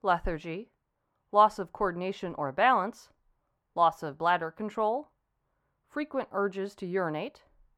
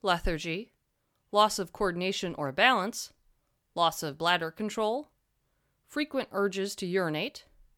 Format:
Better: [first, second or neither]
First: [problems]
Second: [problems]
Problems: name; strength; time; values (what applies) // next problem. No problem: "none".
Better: second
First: muffled; very; fading above 2.5 kHz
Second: none